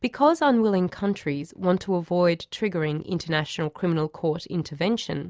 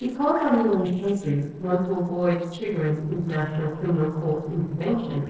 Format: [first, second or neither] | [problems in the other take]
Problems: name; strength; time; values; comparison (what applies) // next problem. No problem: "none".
first | noise reduction (neural separator model SepFormer DNS4)